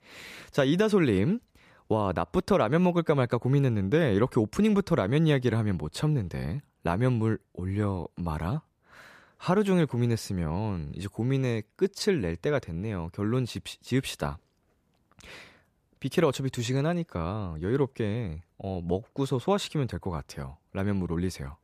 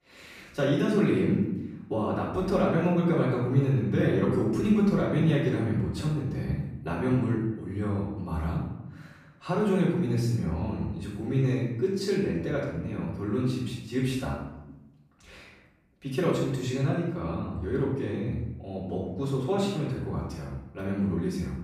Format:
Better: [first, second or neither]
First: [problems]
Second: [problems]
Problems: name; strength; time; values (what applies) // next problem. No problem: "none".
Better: first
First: none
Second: off-mic speech; far // room echo; noticeable; dies away in 0.9 s